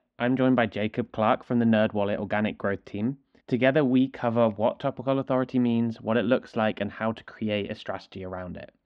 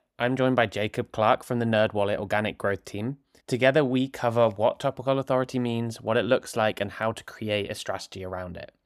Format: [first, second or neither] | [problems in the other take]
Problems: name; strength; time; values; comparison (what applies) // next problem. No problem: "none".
second | muffled; slightly; fading above 3.5 kHz